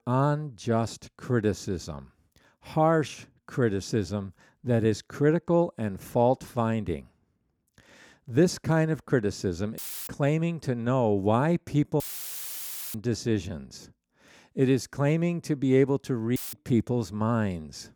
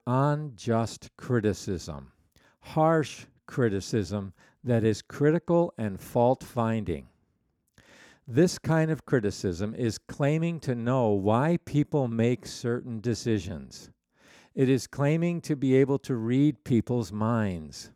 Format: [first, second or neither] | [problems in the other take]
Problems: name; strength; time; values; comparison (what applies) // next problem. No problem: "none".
second | audio cutting out; filled with static; at 10 s, at 12 s for 1 s and at 16 s